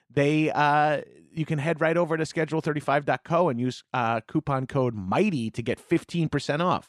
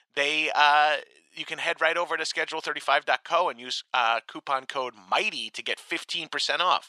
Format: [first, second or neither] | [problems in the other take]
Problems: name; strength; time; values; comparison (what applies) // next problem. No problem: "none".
first | thin; very; fading below 850 Hz